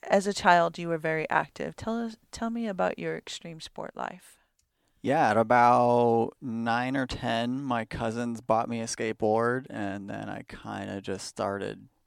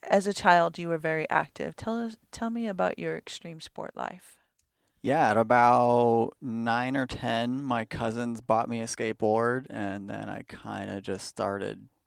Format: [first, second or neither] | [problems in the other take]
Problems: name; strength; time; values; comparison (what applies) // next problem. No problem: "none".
first | garbled, watery; slightly; nothing above 18.5 kHz